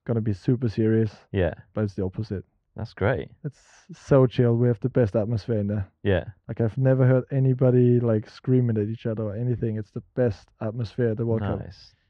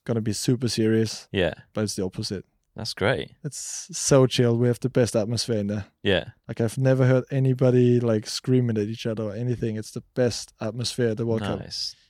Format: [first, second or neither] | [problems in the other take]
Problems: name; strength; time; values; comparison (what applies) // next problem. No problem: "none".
second | muffled; very; fading above 1.5 kHz